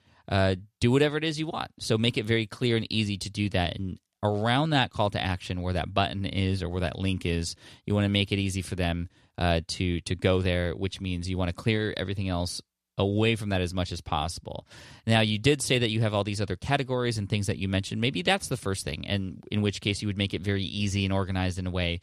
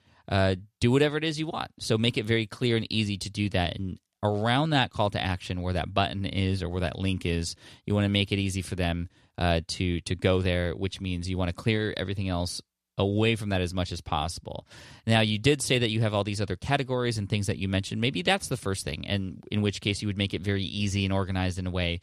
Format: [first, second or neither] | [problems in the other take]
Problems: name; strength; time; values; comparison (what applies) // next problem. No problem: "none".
neither | none